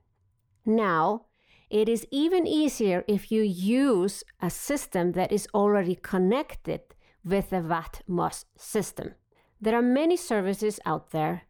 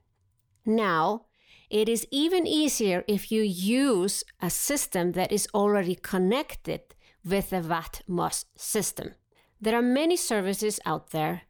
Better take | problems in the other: second | muffled; slightly; fading above 2.5 kHz

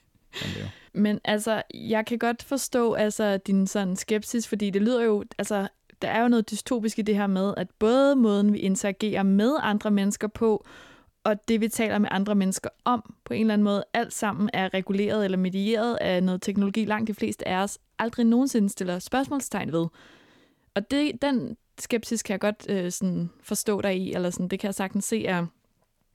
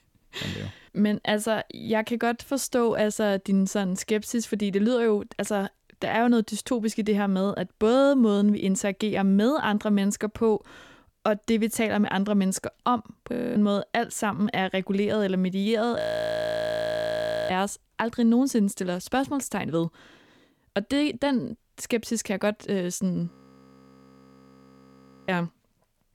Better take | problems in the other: first | audio freezing; at 13 s, at 16 s for 1.5 s and at 23 s for 2 s

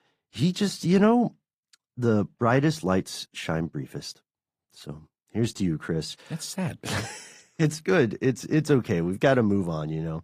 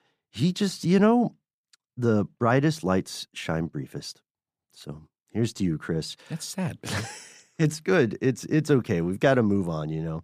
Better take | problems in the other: second | garbled, watery; slightly; nothing above 15 kHz

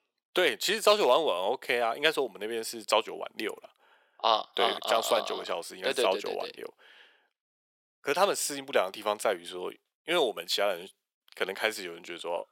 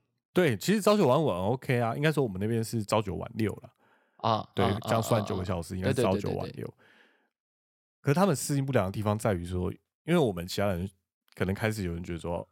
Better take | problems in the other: second | thin; very; fading below 450 Hz

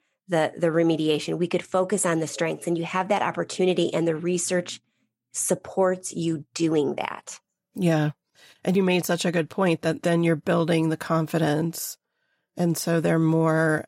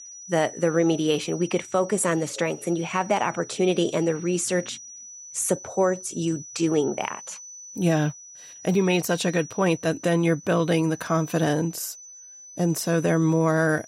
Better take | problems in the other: first | high-pitched whine; noticeable; throughout; 6 kHz, 15 dB below the speech

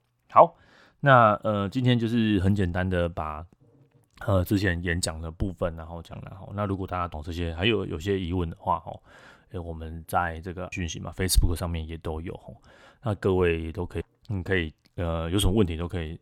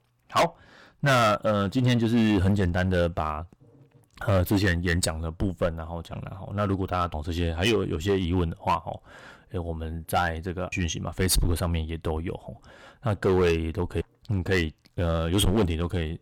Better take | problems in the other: first | distortion; heavy; 7% of the sound clipped

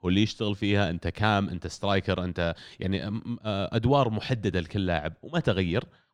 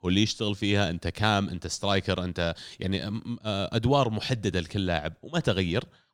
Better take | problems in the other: second | muffled; very slightly; fading above 4 kHz

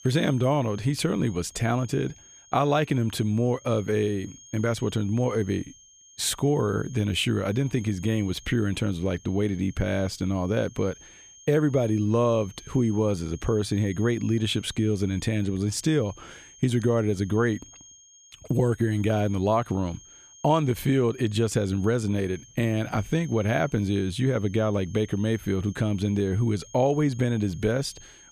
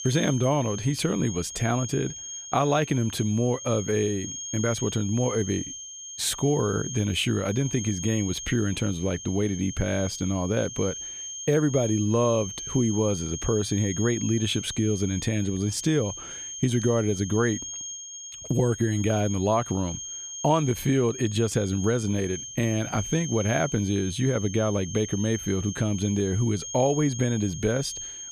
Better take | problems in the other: first | high-pitched whine; loud; throughout; 6.5 kHz, 9 dB below the speech; faint in the first

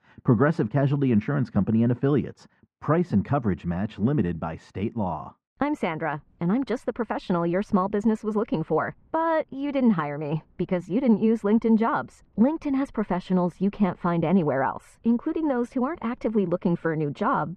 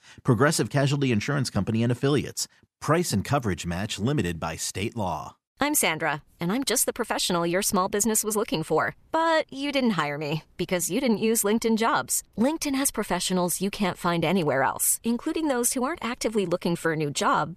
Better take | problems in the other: second | muffled; very; fading above 1.5 kHz

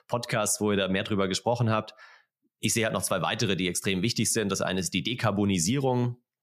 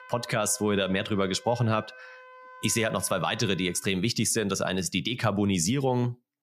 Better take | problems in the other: first | background music; faint; throughout; 20 dB below the speech

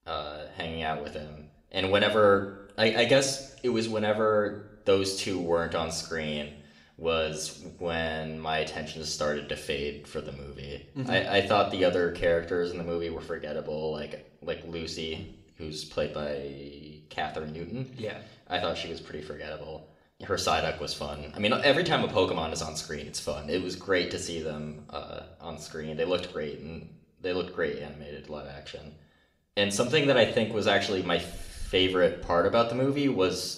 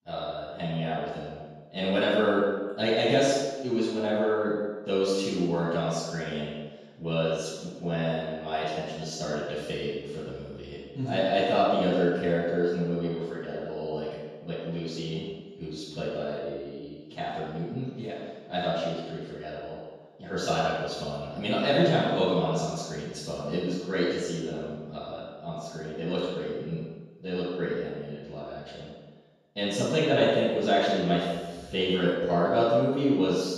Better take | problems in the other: first | room echo; strong; dies away in 1.2 s; slight in the first // off-mic speech; far

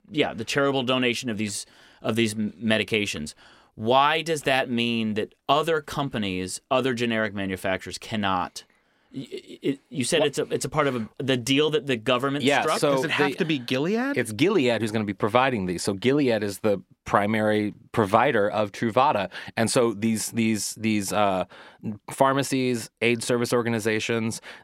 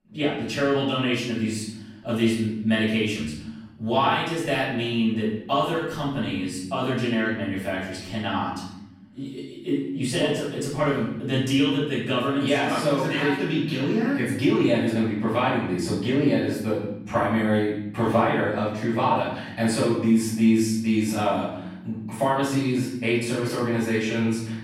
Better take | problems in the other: first | room echo; noticeable; dies away in 0.9 s // off-mic speech; far

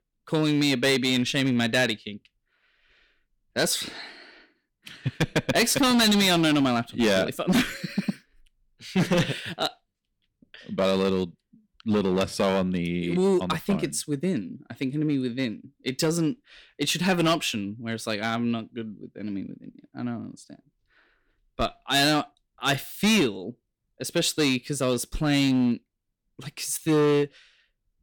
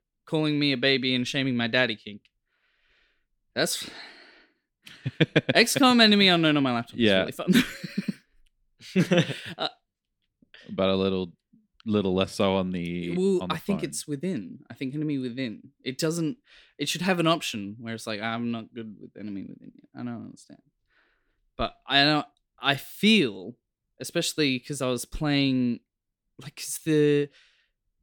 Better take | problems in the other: second | distortion; heavy; 6% of the sound clipped

